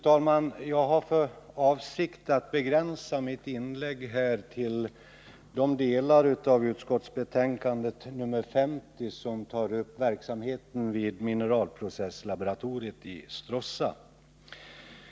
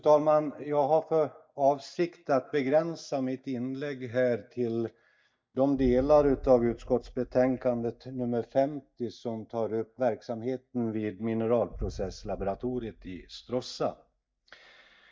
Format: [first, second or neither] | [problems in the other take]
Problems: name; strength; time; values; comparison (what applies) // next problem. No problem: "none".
first | noise reduction (neural mask model DeepFilterNet 3)